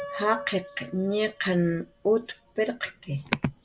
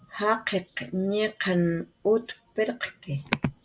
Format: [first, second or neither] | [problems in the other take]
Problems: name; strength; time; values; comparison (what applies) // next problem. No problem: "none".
second | background sound (Piano); 17 dB below the speech